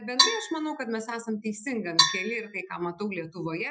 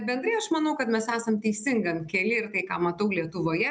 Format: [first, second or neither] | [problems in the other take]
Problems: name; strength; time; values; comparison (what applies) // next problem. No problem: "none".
second | noise reduction (classical method Wiener filter)